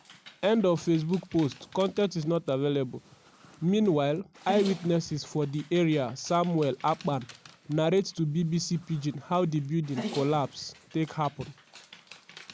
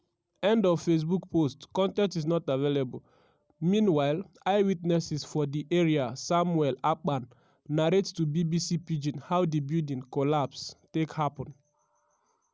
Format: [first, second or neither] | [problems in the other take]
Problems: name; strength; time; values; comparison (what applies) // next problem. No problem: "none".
second | background sound (Dog); 17 dB below the speech